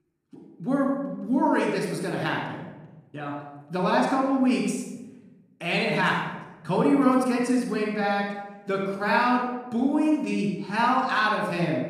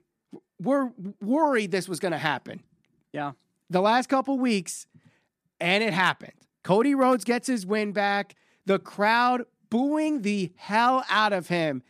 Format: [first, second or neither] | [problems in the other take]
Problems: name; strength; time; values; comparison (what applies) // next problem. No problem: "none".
second | off-mic speech; far // room echo; noticeable; dies away in 1 s